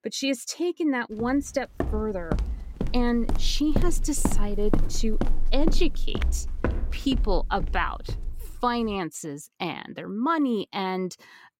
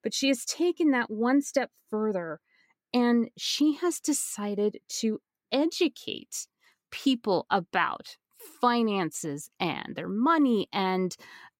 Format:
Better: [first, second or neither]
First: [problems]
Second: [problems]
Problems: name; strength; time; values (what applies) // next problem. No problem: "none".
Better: second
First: footsteps; noticeable; from 2 to 8.5 s; peak level with the speech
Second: none